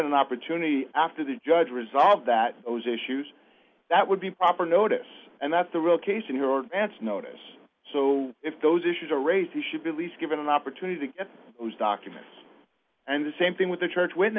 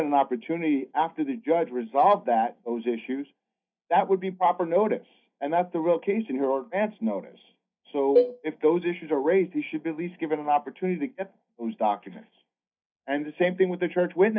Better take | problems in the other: first | noise reduction (neural mask model DeepFilterNet 3)

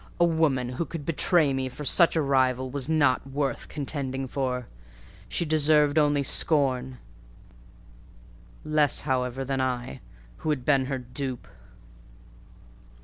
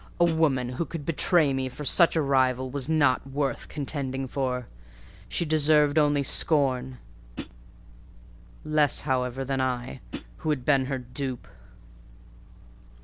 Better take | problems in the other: first | background sound (Hi-hat); 10 dB below the speech

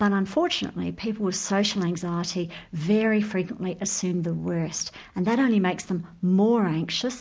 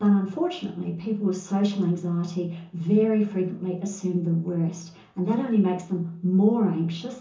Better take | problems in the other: first | room echo; dies away in 0.6 s

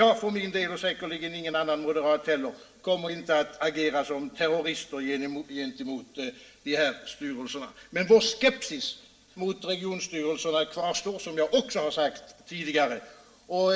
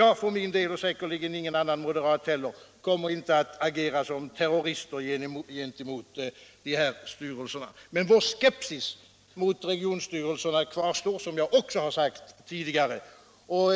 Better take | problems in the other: second | room echo; dies away in 0.5 s

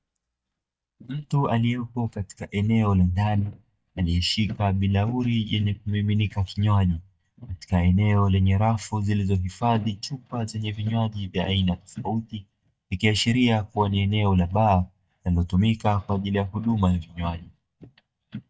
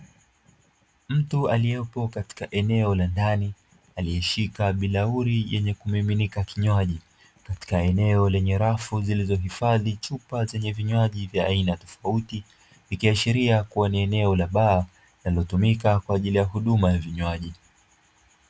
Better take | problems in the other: second | noise reduction (neural mask model DeepFilterNet 3)

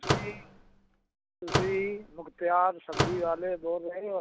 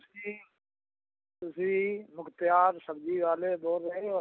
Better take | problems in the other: second | background sound (Slam / Microwave oven); 2 dB below the speech

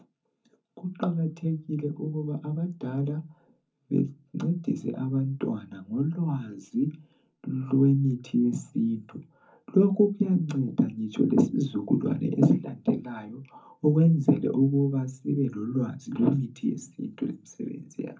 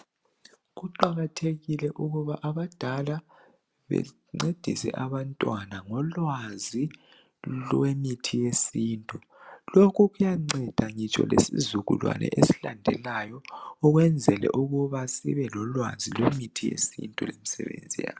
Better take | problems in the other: second | room echo; dies away in 0.3 s

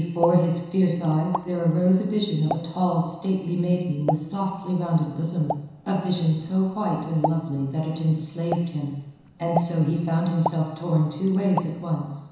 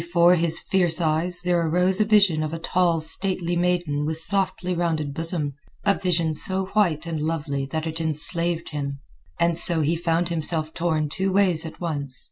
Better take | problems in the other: second | background sound (Explosion); 12 dB below the speech // room echo; dies away in 1 s

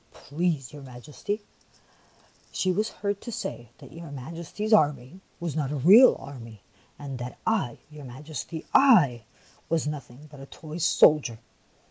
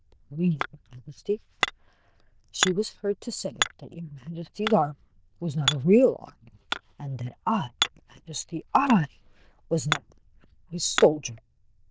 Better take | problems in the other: first | noise reduction (neural diffusion model UNIVERSE++)

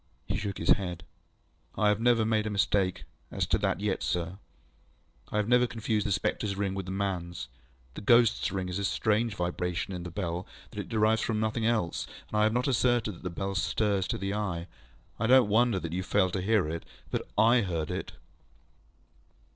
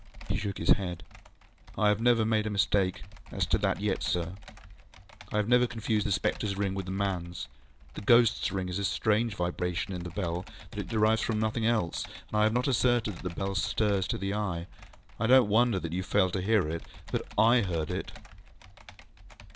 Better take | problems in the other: first | background sound (Computer keyboard); 18 dB below the speech

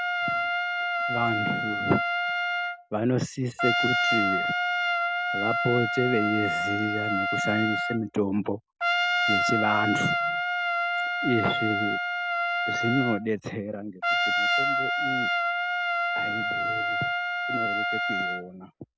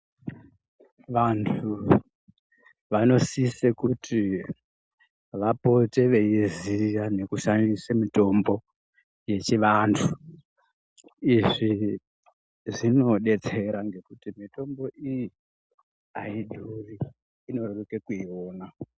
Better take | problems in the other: second | background sound (Trumpet); 4 dB above the speech

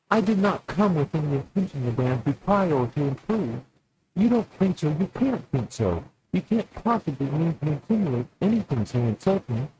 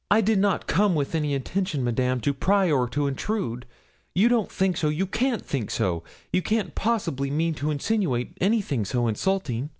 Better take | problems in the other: second | noise reduction (neural mask model RNNoise)

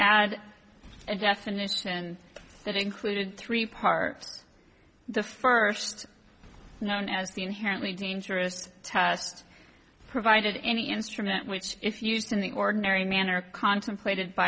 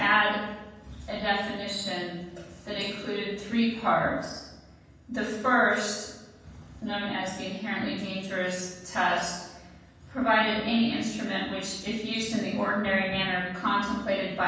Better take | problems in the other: first | room echo; dies away in 1.2 s

